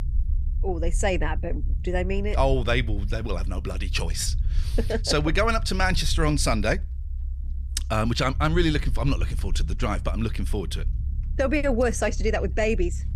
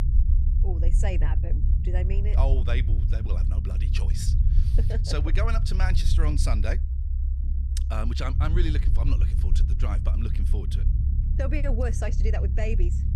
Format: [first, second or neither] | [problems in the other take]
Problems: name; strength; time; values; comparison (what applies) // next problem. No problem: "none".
first | low rumble; loud; throughout; 7 dB below the speech; faint in the first